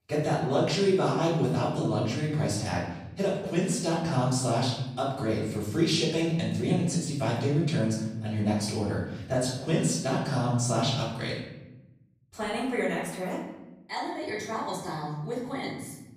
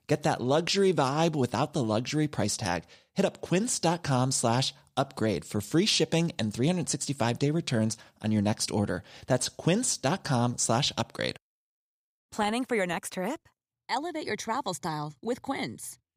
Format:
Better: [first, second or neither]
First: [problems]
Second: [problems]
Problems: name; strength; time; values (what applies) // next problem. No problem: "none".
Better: second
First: off-mic speech; far // room echo; noticeable; dies away in 1 s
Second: none